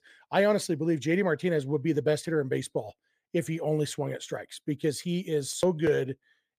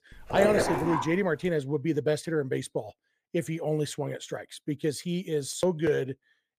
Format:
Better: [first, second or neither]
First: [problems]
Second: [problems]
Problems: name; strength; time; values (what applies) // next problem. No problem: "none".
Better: first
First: none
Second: dog barking; loud; at 0.5 s; peak 3 dB above the speech